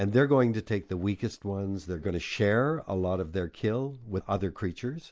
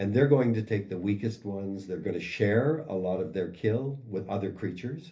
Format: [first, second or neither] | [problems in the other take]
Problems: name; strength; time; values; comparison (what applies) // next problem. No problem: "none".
first | room echo; dies away in 0.3 s